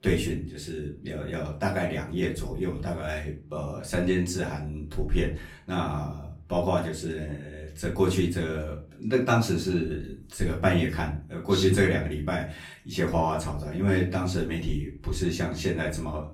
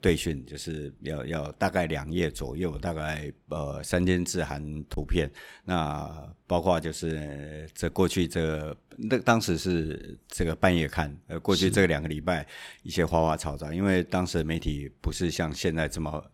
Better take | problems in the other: second | room echo; slight; dies away in 0.3 s // off-mic speech; far

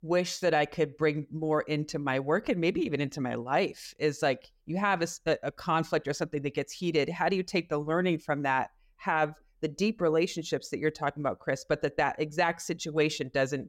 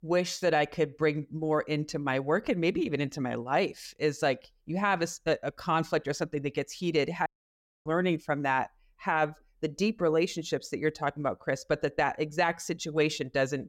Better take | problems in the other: first | audio cutting out; at 7.5 s for 0.5 s

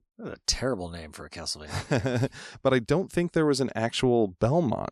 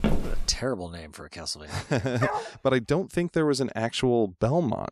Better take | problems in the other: first | footsteps; noticeable; at the start; peak 1 dB below the speech // dog barking; noticeable; at 2 s; peak 3 dB below the speech

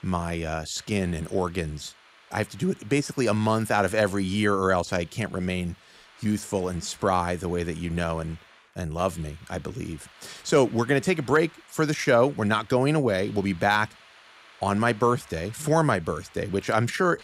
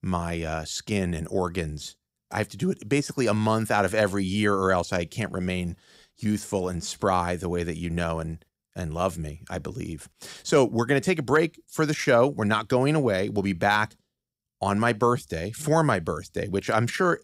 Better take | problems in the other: second | hiss; faint; throughout; 25 dB below the speech

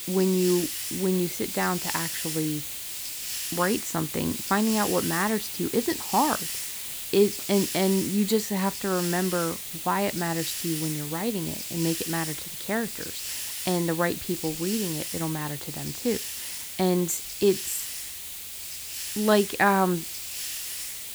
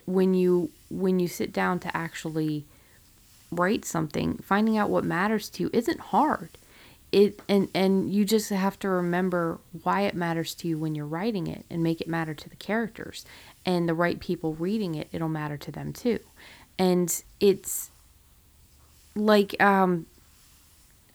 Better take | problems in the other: second | hiss; loud; throughout; 4 dB below the speech; faint in the second

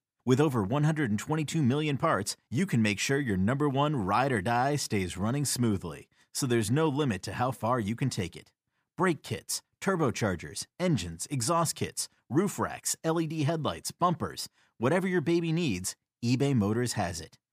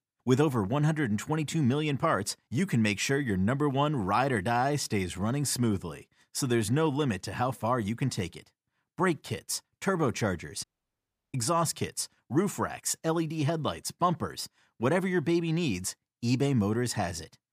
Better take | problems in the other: first | audio cutting out; at 11 s for 0.5 s

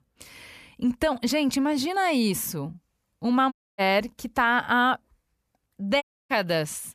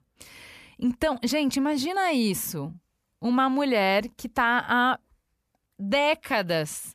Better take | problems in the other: second | audio cutting out; at 3.5 s and at 6 s

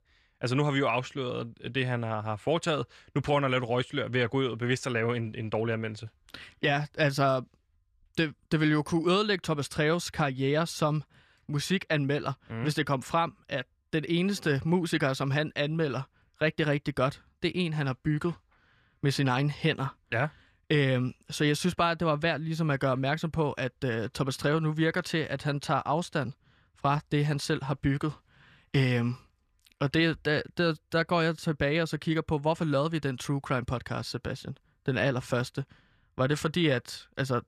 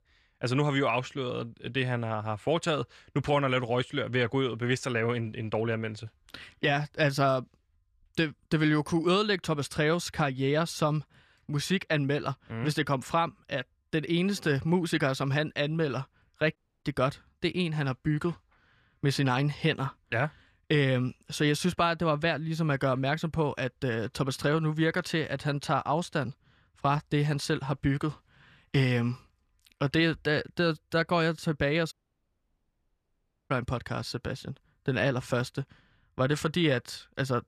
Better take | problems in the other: first | audio cutting out; at 17 s and at 32 s for 1.5 s

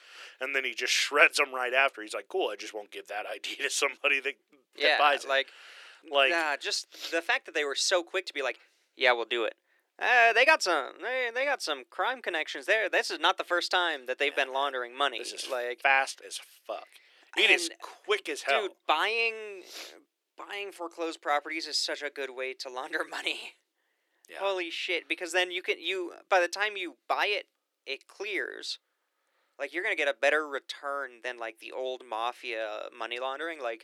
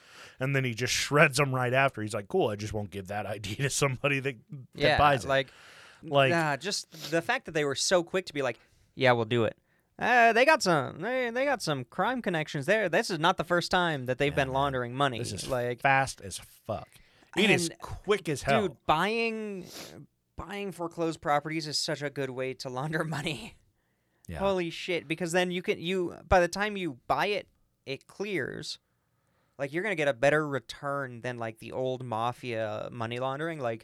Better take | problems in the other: second | thin; very; fading below 350 Hz

